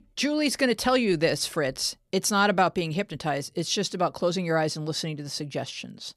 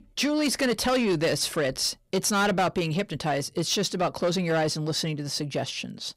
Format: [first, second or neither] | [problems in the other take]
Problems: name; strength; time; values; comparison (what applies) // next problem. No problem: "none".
first | distortion; slight; 10 dB below the speech